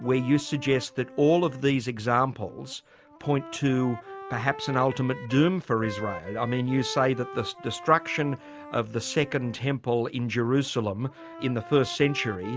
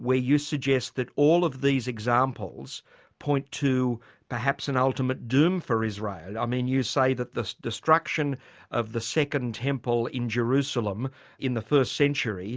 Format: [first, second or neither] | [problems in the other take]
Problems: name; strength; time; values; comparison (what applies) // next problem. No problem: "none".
second | background sound (Wind instrument, woodwind instrument); 15 dB below the speech